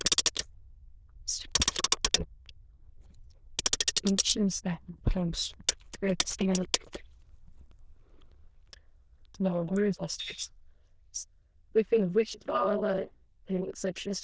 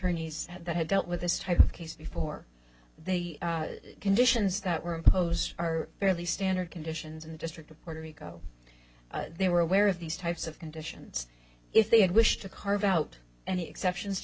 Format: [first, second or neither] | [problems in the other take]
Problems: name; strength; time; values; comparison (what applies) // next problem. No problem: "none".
second | noise reduction (neural diffusion model UNIVERSE++)